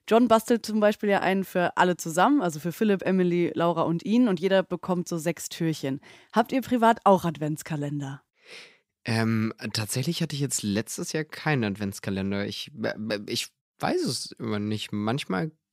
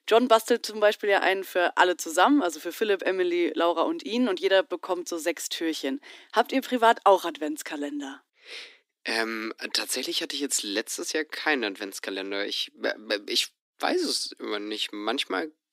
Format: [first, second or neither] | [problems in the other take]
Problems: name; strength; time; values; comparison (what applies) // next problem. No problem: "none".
first | thin; very slightly; fading below 250 Hz